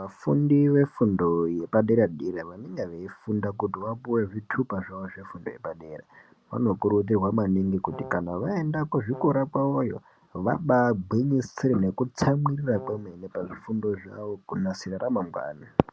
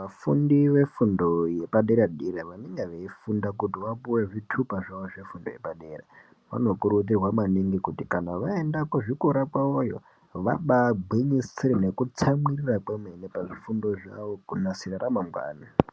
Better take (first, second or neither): second